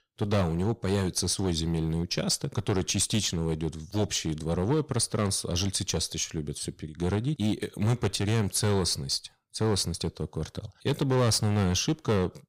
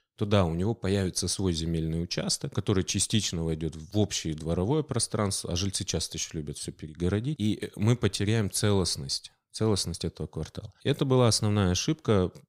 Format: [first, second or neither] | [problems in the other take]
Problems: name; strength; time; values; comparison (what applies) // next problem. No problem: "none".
second | distortion; slight; 7% of the sound clipped